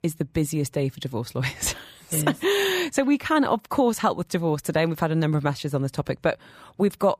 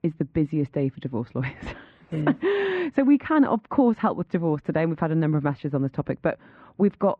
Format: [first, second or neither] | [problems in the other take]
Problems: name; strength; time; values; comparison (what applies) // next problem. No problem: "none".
first | muffled; very; fading above 2.5 kHz